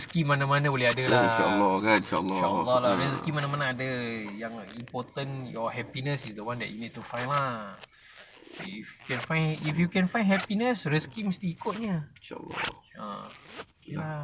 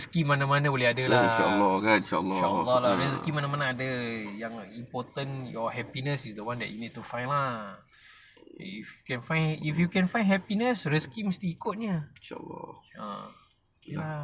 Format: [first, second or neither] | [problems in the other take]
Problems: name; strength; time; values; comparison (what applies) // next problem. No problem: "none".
second | background sound (Zipper (clothing)); 17 dB below the speech